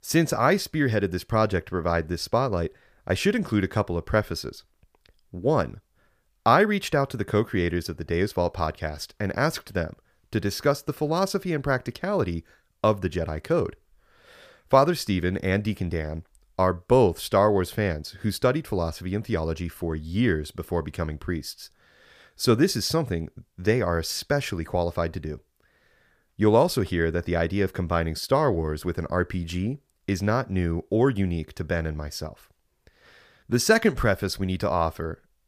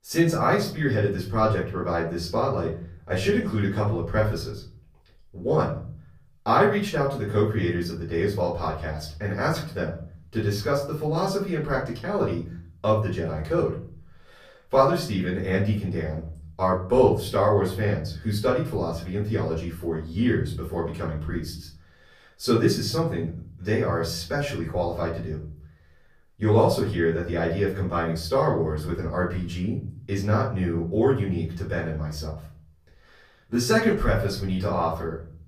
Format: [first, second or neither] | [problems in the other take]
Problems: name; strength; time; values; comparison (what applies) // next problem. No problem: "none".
first | off-mic speech; far // room echo; slight; dies away in 0.6 s